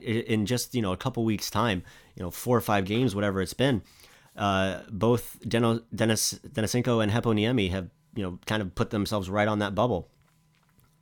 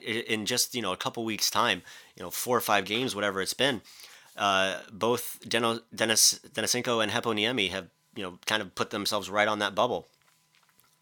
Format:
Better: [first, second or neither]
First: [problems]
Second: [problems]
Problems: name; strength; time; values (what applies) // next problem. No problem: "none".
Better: first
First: none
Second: thin; somewhat; fading below 850 Hz